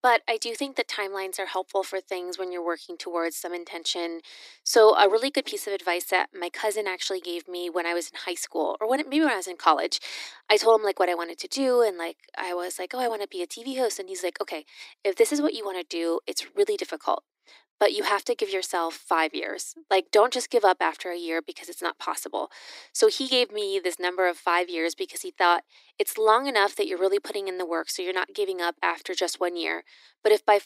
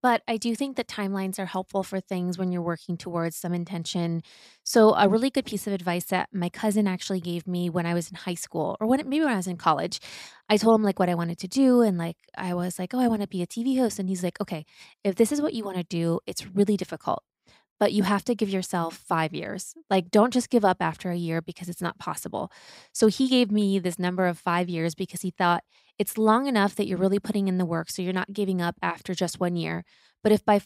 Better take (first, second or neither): second